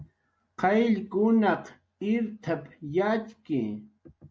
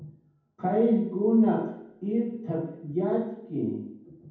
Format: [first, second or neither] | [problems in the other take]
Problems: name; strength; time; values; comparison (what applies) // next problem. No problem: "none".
first | room echo; dies away in 0.9 s